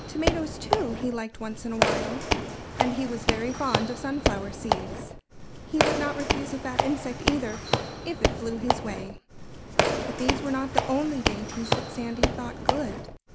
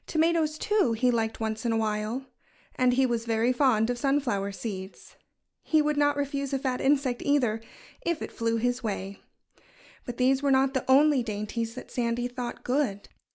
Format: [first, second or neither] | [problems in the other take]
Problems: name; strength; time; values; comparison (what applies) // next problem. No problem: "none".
second | background sound (Squeak / Walk, footsteps); 3 dB above the speech